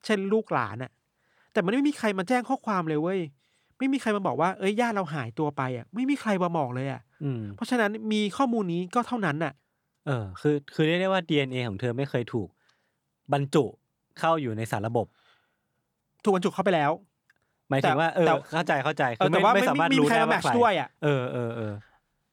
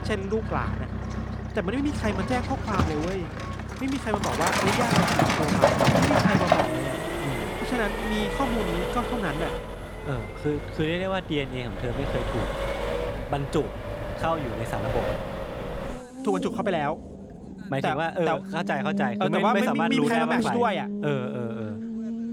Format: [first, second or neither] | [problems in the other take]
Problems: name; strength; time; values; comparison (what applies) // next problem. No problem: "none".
first | traffic noise; very loud; throughout; as loud as the speech